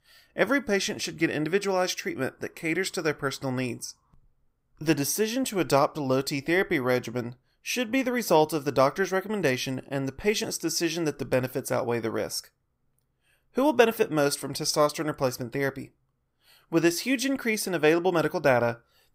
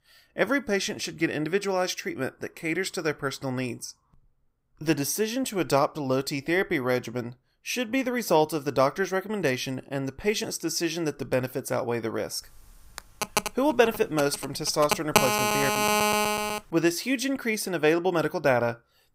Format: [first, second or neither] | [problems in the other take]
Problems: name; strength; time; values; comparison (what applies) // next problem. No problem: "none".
first | phone ringing; loud; from 13 to 17 s; peak 5 dB above the speech